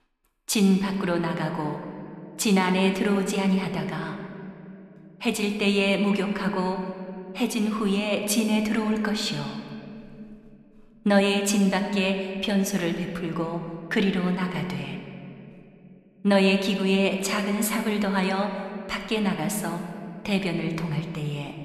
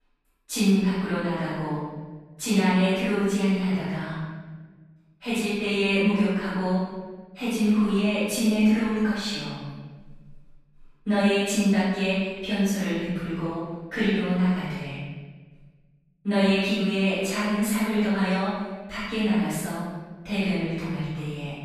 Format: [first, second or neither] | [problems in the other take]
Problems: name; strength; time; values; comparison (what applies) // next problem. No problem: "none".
first | room echo; strong; dies away in 1.3 s; slight in the first // off-mic speech; far